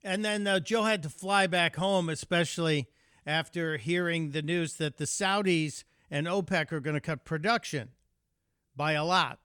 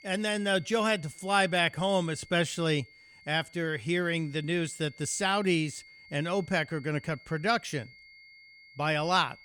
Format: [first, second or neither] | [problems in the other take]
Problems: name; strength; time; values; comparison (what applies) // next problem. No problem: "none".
first | high-pitched whine; faint; throughout; 2 kHz, 25 dB below the speech